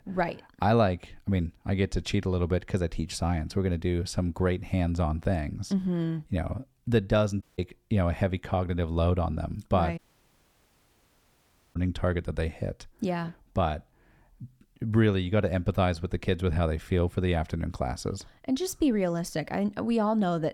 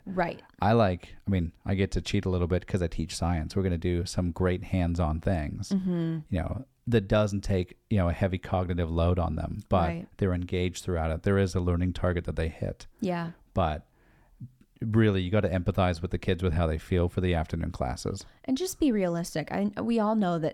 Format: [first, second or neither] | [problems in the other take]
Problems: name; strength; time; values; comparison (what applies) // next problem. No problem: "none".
second | audio cutting out; at 7.5 s and at 10 s for 2 s